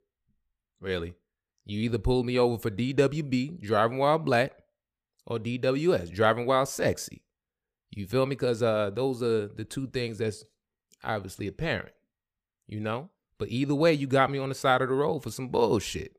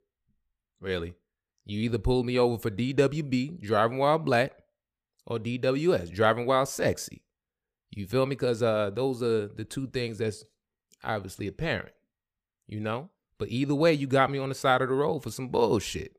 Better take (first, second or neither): neither